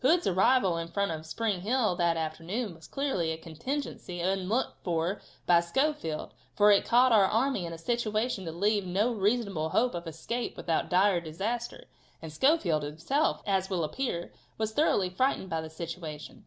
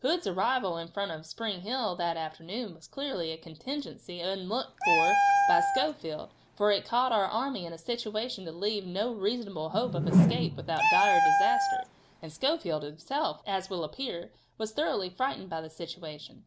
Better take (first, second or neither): first